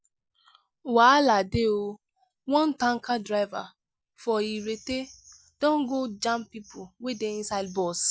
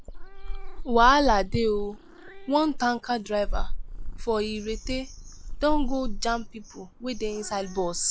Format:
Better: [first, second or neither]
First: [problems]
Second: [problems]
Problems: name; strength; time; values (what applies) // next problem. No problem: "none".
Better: first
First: none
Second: background sound (Meow / Purr); 4 dB below the speech